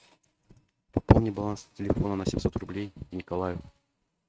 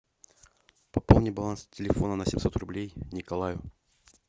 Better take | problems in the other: second | noise reduction (neural mask model RNNoise)

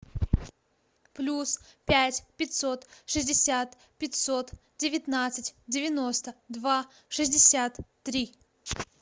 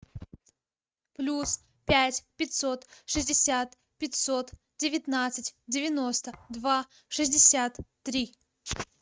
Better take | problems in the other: first | noise reduction (neural mask model RNNoise)

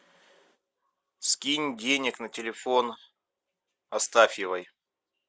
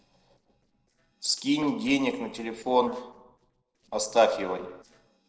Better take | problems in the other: first | noise reduction (neural separator model SepFormer DNS4)

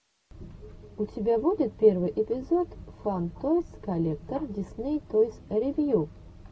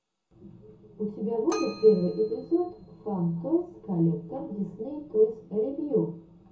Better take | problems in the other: first | background sound (Keyboard (musical)); 19 dB below the speech // room echo; dies away in 0.6 s

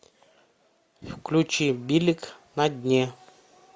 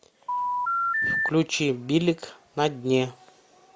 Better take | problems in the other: first | background sound (Telephone); 2 dB above the speech

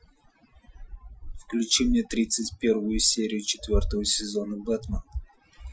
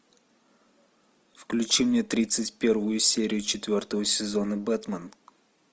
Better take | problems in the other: second | noise reduction (classical method Wiener filter)

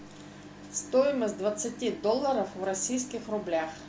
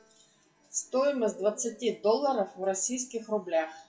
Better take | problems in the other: first | noise reduction (classical method WPE with log-MMSE)

